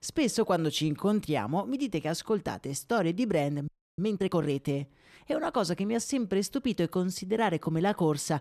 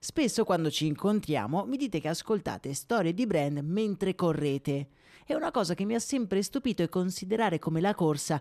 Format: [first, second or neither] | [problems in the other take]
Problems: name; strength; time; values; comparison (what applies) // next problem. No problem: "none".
second | audio freezing; at 3.5 s